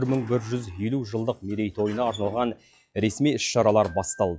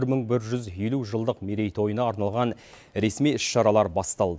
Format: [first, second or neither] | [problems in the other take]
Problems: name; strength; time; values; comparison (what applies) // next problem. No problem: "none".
second | noise reduction (classical method log-MMSE)